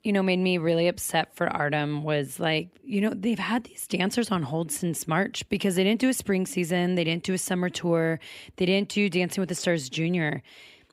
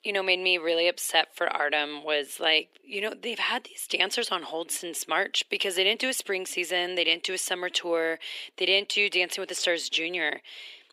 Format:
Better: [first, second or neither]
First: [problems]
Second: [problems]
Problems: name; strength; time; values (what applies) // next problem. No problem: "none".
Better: first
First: none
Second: thin; very; fading below 350 Hz